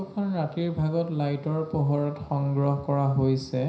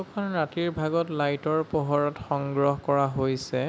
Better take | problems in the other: second | room echo; dies away in 0.5 s

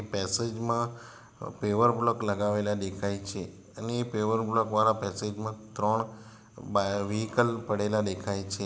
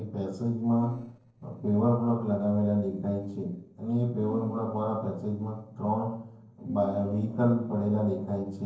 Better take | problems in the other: first | noise reduction (neural separator model SepFormer DNS4)

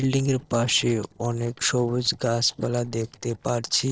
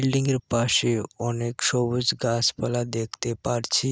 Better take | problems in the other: second | noise reduction (neural separator model SepFormer DNS4)

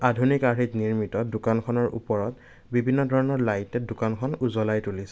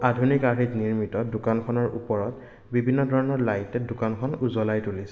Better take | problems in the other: first | room echo; dies away in 1.3 s

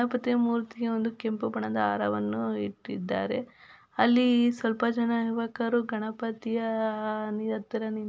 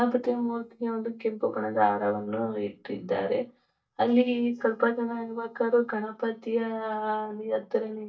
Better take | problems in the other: first | noise reduction (neural mask model DeepFilterNet 3)

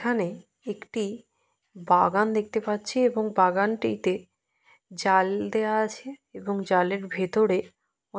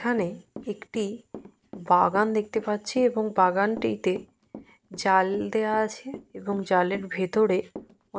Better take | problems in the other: first | background sound (Walk, footsteps / Run); 18 dB below the speech

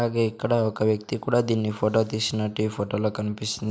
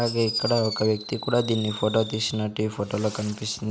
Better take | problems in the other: first | background sound (Fireworks); 11 dB below the speech

